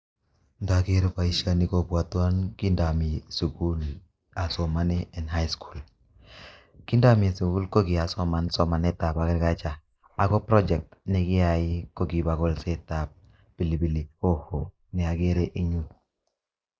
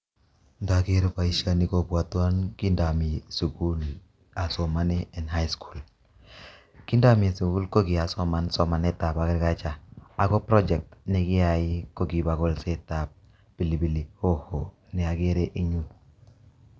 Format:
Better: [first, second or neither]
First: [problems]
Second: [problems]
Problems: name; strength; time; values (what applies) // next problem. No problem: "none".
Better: second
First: noise reduction (neural mask model Resemble Enhance denoiser)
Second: none